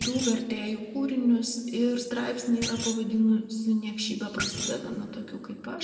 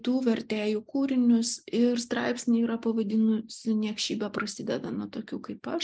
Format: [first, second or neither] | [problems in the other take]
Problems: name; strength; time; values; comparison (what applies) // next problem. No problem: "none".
second | background sound (Thump, thud); 9 dB below the speech // room echo; dies away in 2 s